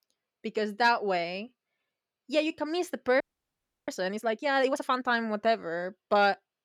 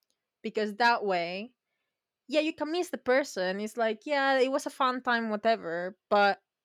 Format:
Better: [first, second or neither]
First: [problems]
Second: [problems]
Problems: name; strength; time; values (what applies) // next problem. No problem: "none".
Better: second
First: audio freezing; at 3 s for 0.5 s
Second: none